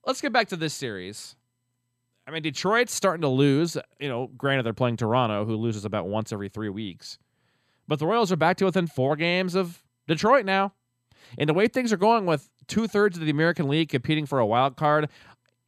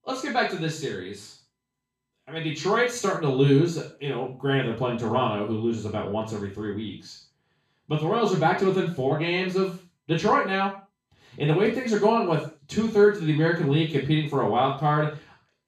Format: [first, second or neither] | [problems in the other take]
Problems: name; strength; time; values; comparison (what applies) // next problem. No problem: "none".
first | room echo; noticeable; dies away in 0.3 s // off-mic speech; far